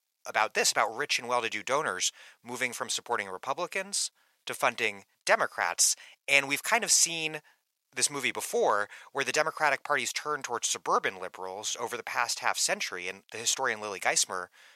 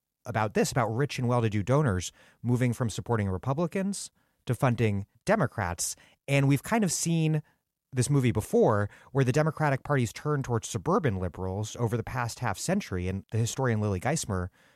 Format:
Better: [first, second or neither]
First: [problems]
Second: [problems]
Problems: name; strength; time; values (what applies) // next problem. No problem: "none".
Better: second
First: thin; very; fading below 700 Hz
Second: none